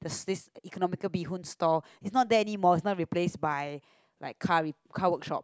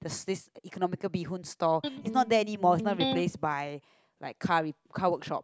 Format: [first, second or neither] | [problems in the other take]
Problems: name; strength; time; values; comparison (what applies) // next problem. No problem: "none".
first | background sound (Electric guitar); 5 dB below the speech